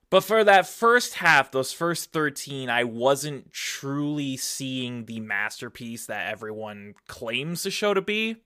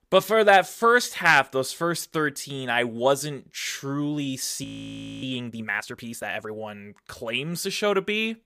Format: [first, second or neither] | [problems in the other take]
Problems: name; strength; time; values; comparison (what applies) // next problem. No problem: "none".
first | audio freezing; at 4.5 s for 0.5 s